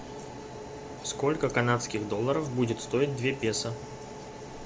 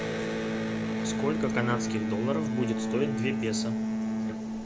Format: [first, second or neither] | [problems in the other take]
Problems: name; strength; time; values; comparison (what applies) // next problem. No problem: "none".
first | background sound (Electric guitar); 3 dB above the speech